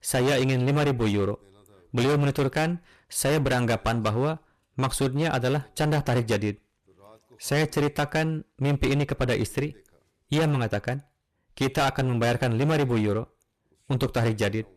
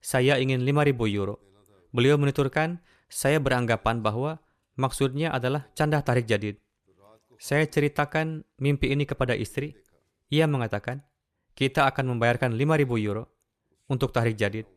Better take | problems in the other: second | distortion; heavy; 14% of the sound clipped

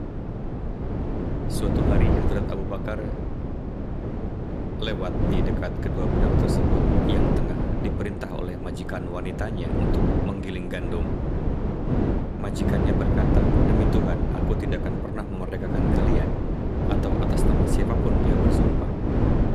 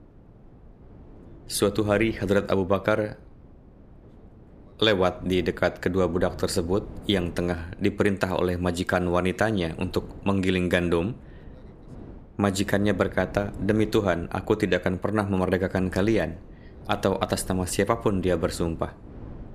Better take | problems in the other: second | wind noise on the microphone; heavy; 4 dB above the speech; occasional gusts in the second

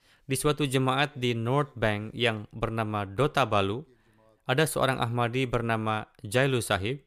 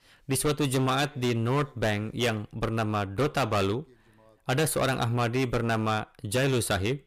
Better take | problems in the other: first | distortion; heavy; 12% of the sound clipped

